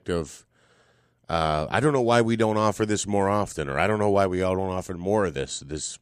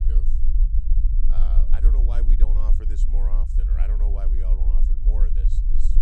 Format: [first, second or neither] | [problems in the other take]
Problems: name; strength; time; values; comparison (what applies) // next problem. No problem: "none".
first | low rumble; loud; throughout; 2 dB below the speech